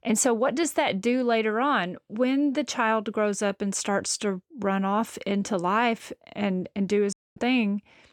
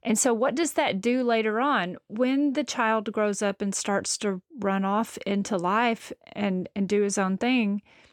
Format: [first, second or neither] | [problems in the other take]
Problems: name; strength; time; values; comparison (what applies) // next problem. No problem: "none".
second | audio cutting out; at 7 s